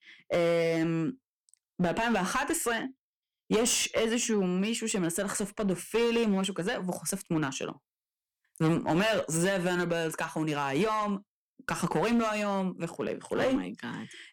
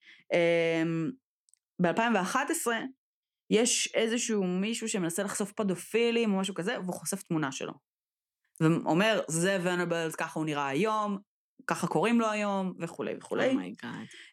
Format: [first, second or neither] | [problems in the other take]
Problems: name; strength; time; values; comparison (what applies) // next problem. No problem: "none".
second | distortion; slight; 8% of the sound clipped